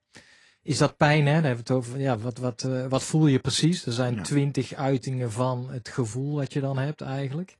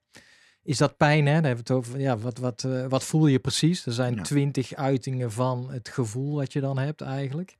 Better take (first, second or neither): second